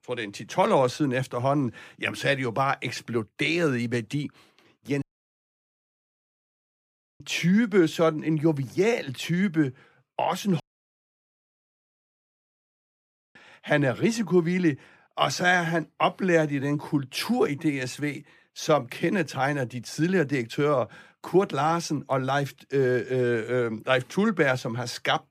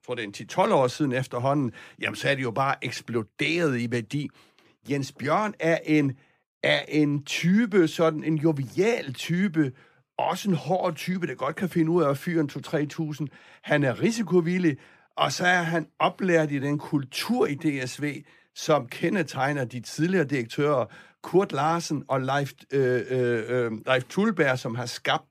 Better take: second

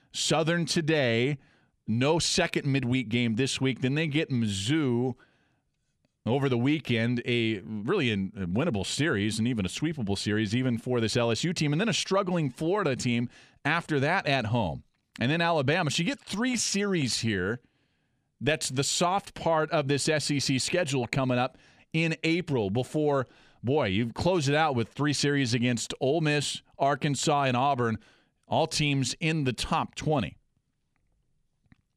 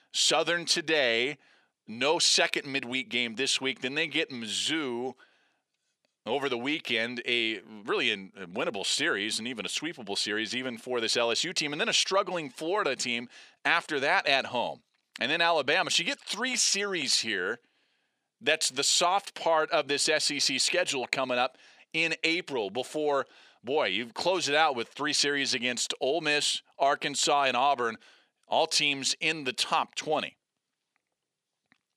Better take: first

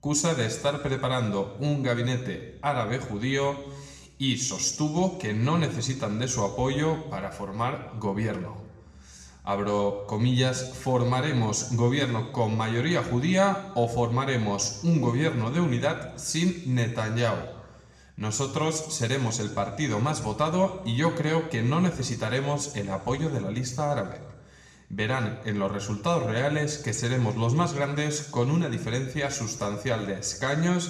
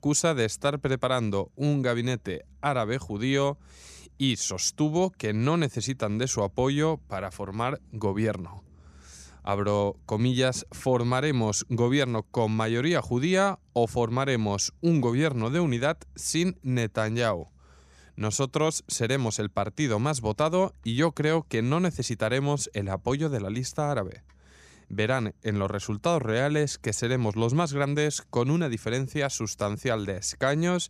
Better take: second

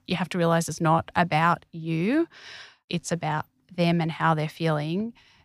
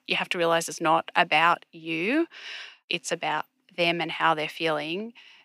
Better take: first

